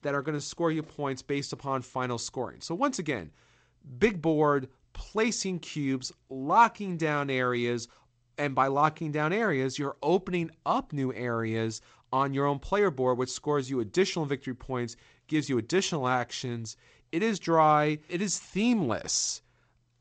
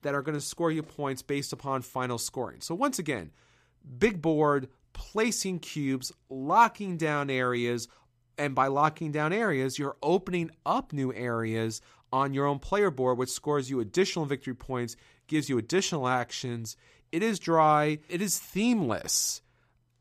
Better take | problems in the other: second | garbled, watery; slightly; nothing above 7.5 kHz

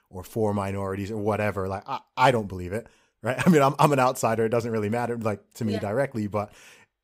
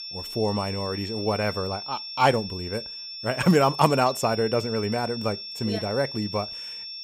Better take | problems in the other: first | high-pitched whine; loud; throughout; 5.5 kHz, 8 dB below the speech

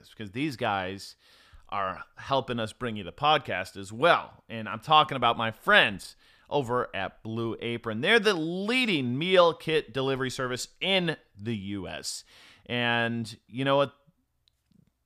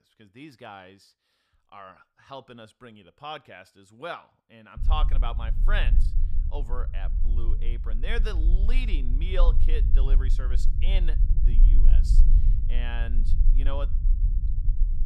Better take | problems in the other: first | low rumble; noticeable; from 5 s on; 10 dB below the speech

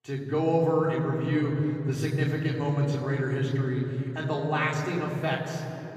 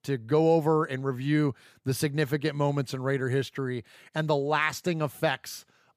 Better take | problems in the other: second | room echo; noticeable; dies away in 3 s // off-mic speech; far

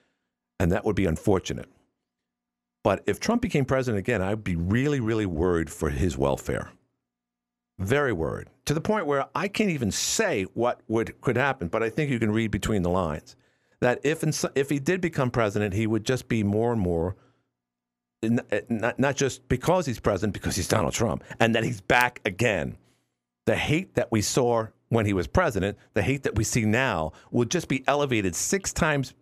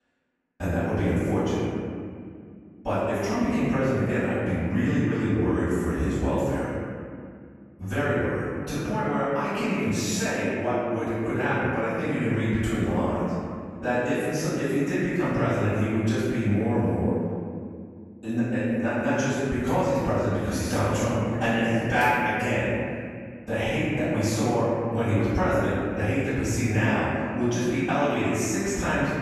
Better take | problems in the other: first | room echo; strong; dies away in 2.1 s // off-mic speech; far

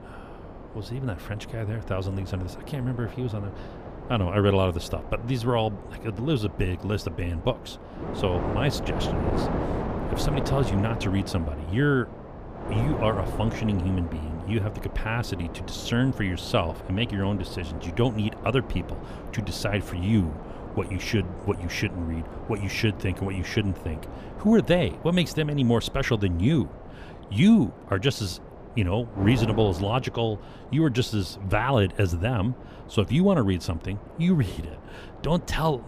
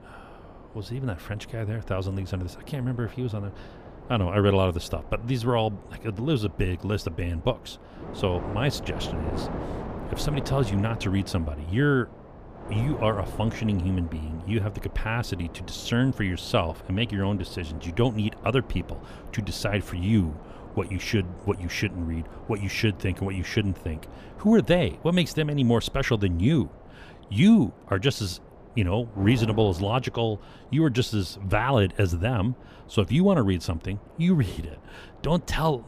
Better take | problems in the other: second | wind noise on the microphone; heavy; 9 dB below the speech; occasional gusts in the second

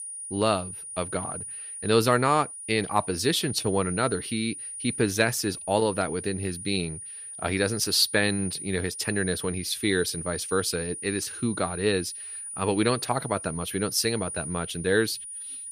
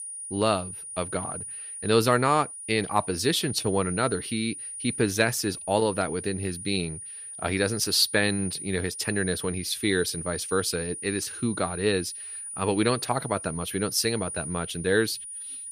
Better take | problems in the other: neither | high-pitched whine; loud; throughout; 9.5 kHz, 8 dB below the speech; the same in both

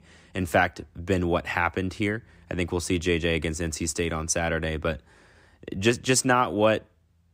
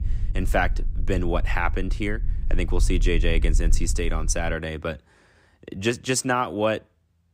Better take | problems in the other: first | low rumble; faint; until 4.5 s; 20 dB below the speech

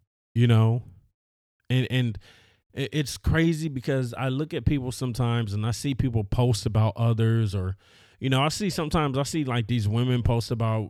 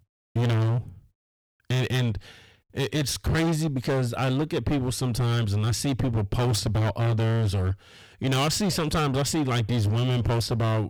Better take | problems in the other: first | distortion; heavy; 27% of the sound clipped

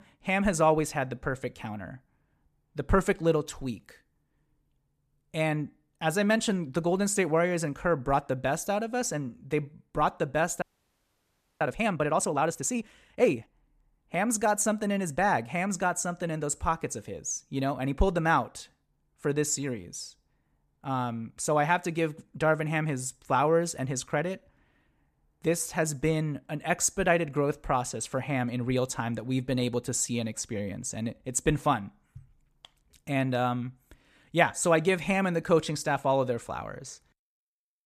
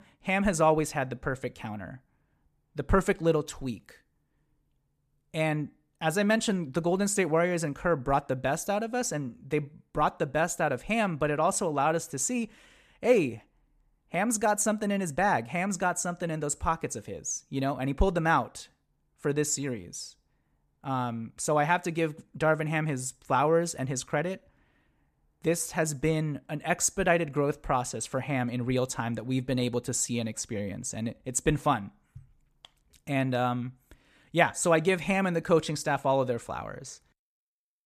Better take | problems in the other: second | audio freezing; at 11 s for 1 s

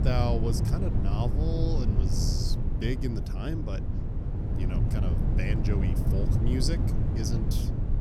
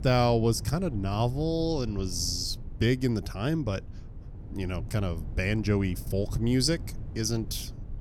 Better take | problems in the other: second | wind noise on the microphone; heavy; 3 dB below the speech; occasional gusts in the second

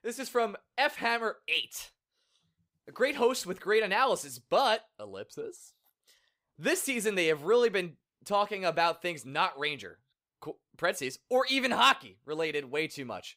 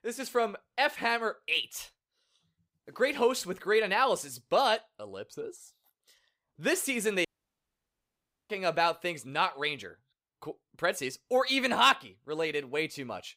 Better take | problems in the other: first | audio cutting out; at 7.5 s for 1.5 s

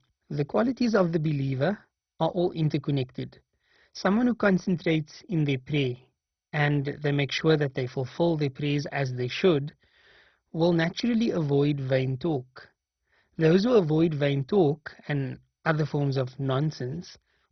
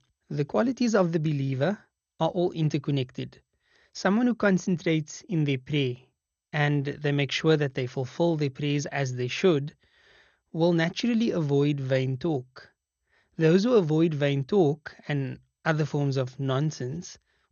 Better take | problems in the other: second | garbled, watery; badly; nothing above 6 kHz; slightly in the second

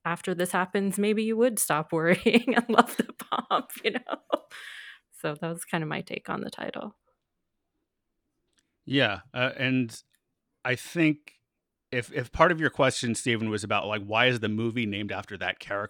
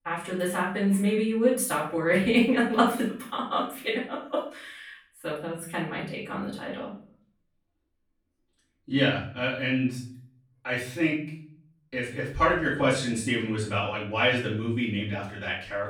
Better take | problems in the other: first | off-mic speech; far // room echo; noticeable; dies away in 0.5 s

